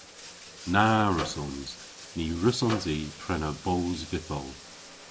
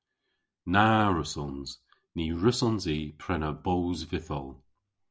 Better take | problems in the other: second | background sound (Bathtub (filling or washing) + Microwave oven); 13 dB below the speech

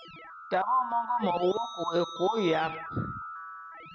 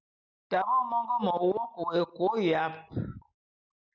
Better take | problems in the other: second | background sound (Keyboard (musical)); 11 dB below the speech

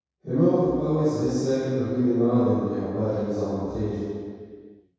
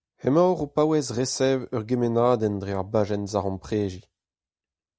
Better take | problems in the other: second | room echo; dies away in 2 s

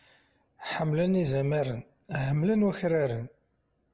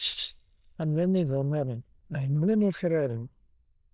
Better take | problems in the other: first | noise reduction (neural diffusion model UNIVERSE++)

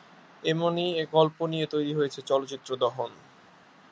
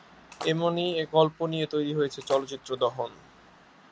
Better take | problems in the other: first | background sound (Splash, splatter); 20 dB below the speech

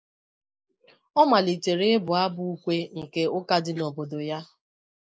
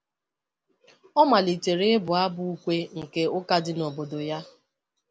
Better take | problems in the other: second | noise reduction (neural mask model Resemble Enhance denoiser)

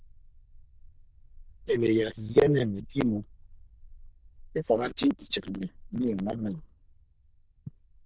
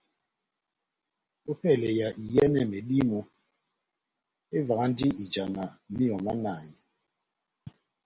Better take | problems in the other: second | noise reduction (neural diffusion model UNIVERSE++)

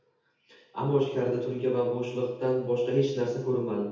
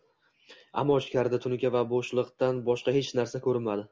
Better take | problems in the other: second | room echo; dies away in 0.8 s

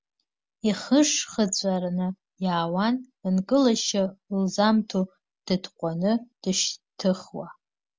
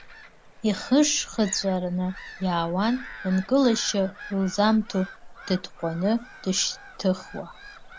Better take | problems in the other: first | background sound (Gull, seagull / Bird vocalization, bird call, bird song); 17 dB below the speech

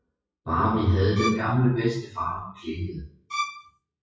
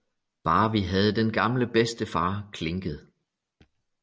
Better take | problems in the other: second | noise reduction (classical method WPE with log-MMSE)

